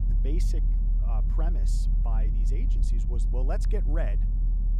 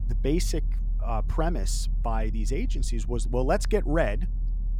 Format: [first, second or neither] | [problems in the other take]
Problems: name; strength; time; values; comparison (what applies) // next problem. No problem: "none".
second | low rumble; loud; throughout; 7 dB below the speech; faint in the second